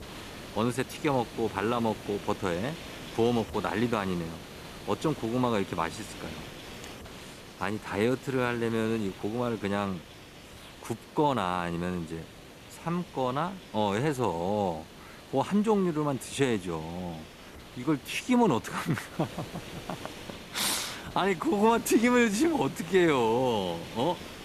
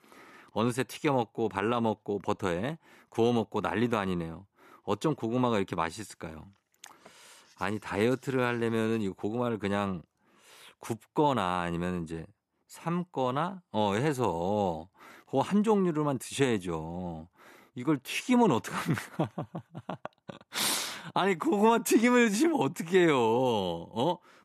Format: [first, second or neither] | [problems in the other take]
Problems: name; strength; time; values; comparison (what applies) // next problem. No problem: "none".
second | hiss; noticeable; throughout; 15 dB below the speech